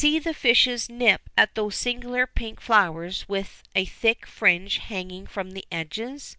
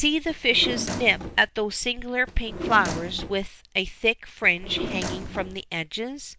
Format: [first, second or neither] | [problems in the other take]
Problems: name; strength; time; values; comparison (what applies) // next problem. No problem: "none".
first | background sound (Drawer open or close); 8 dB below the speech